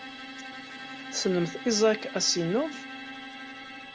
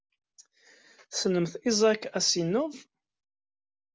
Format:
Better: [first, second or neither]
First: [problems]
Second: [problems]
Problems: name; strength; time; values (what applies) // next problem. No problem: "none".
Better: second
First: background sound (Bowed string instrument + Musical instrument); 11 dB below the speech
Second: none